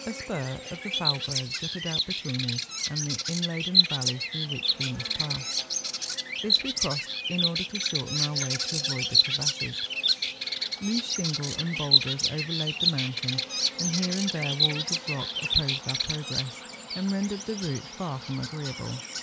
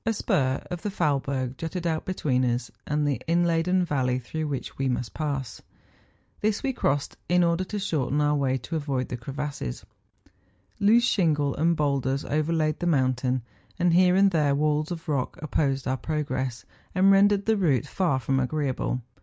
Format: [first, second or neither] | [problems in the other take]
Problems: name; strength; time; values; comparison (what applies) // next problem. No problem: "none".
second | background sound (Bird vocalization, bird call, bird song); 4 dB above the speech